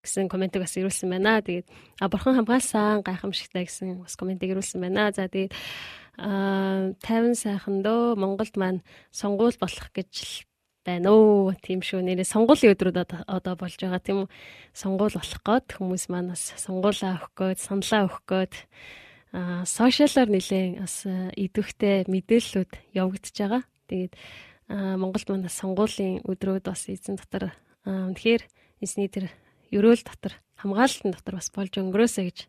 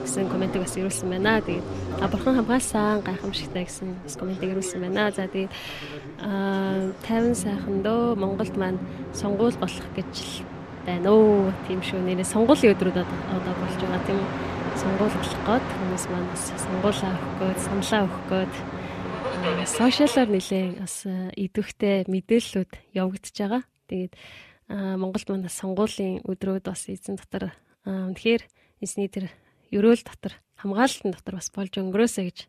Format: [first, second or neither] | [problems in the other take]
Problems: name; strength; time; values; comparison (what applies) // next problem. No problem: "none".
first | train or aircraft noise; loud; until 20 s; 7 dB below the speech